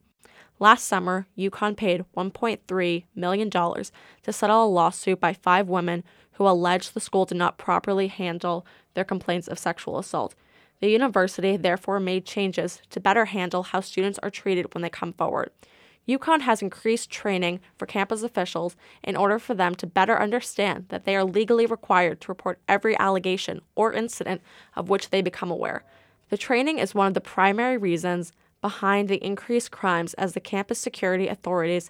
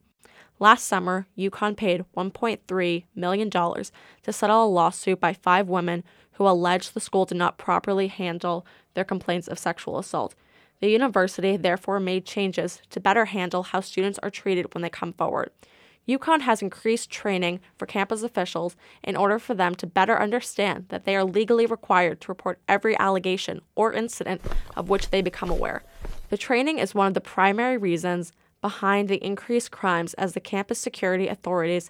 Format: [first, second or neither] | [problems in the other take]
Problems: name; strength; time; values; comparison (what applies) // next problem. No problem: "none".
first | footsteps; faint; from 24 to 26 s; peak 10 dB below the speech